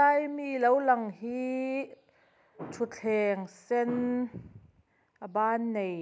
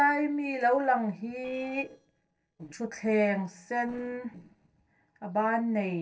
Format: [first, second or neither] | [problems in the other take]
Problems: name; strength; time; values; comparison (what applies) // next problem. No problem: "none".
first | noise reduction (neural separator model SepFormer DNS4)